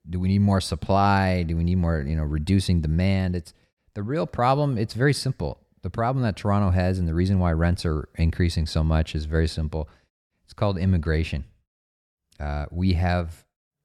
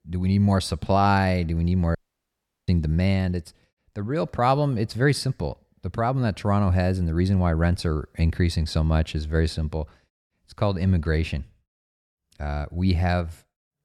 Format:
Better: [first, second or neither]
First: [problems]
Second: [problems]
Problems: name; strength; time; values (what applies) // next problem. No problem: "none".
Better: first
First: none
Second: audio cutting out; at 2 s for 0.5 s